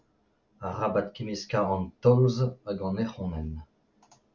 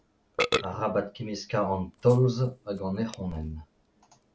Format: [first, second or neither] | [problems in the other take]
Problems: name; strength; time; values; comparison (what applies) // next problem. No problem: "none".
first | background sound (Burping, eructation); 8 dB below the speech